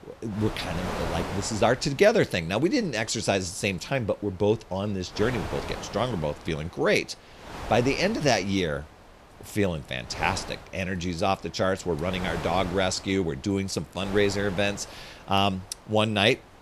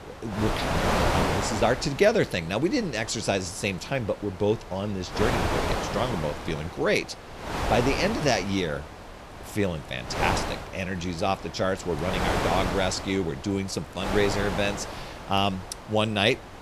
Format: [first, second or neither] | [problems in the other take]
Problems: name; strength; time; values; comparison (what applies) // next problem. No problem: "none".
first | wind noise on the microphone; heavy; 2 dB below the speech; occasional gusts in the first